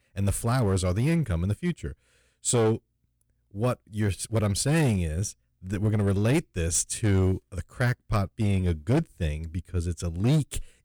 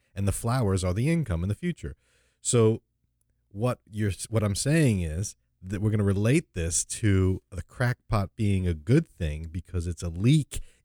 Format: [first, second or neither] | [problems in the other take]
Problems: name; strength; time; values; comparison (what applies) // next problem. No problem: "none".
second | distortion; slight; 6% of the sound clipped